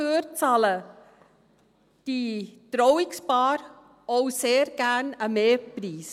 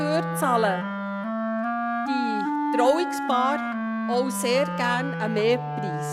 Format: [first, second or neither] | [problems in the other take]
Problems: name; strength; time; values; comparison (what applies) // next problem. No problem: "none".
first | background sound (Wind instrument, woodwind instrument); 1 dB below the speech